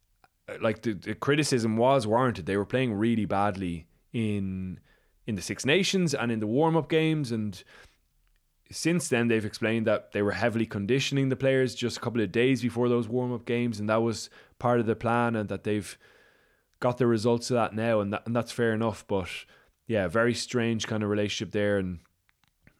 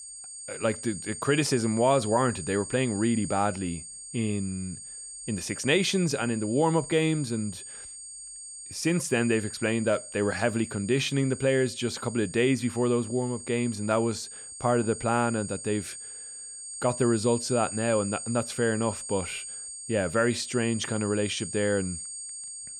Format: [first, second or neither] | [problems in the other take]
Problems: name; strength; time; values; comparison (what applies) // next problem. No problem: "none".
first | high-pitched whine; loud; throughout; 8.5 kHz, 10 dB below the speech